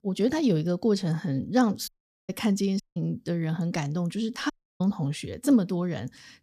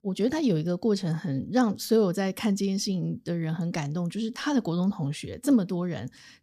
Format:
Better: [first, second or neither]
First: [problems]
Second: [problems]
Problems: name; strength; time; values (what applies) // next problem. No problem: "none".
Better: second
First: audio cutting out; at 2 s, at 3 s and at 4.5 s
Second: none